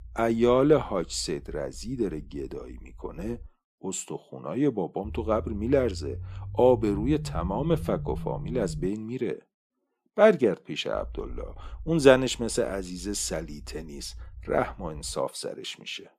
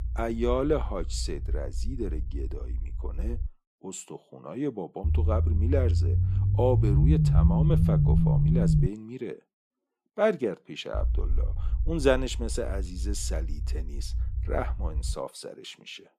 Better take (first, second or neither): first